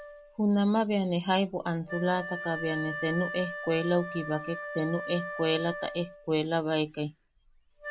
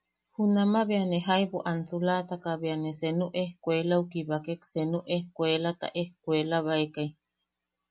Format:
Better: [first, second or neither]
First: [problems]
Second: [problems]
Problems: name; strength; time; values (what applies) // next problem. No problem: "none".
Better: second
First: background sound (Wind instrument, woodwind instrument); 10 dB below the speech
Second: none